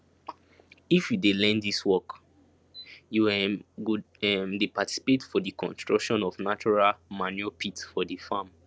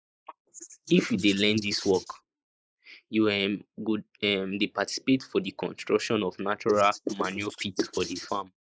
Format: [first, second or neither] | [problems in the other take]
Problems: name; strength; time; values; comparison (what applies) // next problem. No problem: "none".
first | noise reduction (neural mask model Resemble Enhance denoiser)